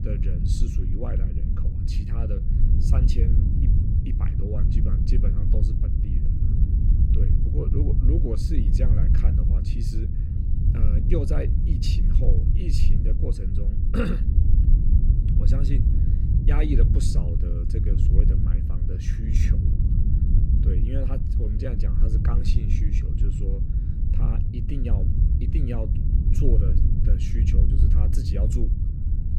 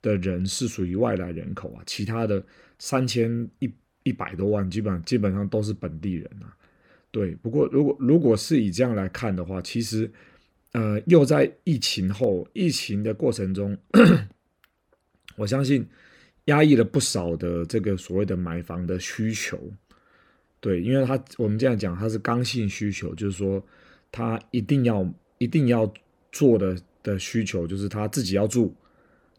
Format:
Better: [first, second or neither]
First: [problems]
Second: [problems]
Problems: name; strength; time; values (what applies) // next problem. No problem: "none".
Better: second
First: wind noise on the microphone; heavy; 1 dB below the speech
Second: none